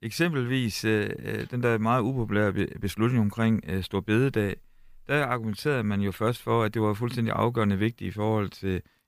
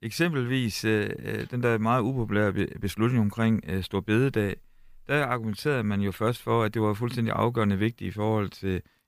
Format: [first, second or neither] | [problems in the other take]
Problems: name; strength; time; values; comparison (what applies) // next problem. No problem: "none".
neither | none